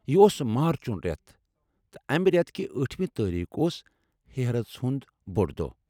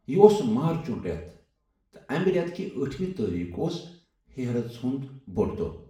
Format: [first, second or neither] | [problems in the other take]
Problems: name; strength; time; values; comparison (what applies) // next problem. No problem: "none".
first | room echo; dies away in 0.5 s